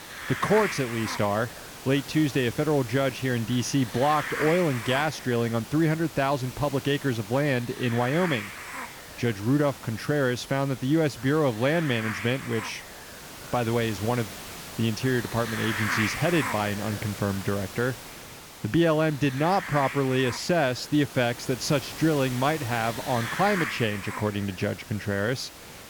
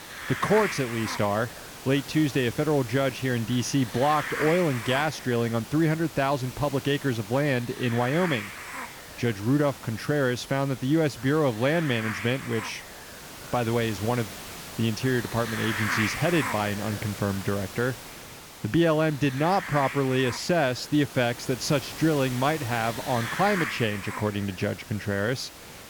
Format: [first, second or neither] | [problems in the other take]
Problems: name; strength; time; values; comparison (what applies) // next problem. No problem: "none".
neither | hiss; loud; throughout; 9 dB below the speech; the same in both